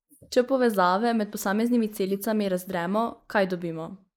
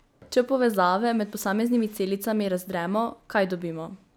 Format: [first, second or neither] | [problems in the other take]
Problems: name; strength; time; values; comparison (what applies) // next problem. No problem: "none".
second | noise reduction (neural mask model Resemble Enhance denoiser)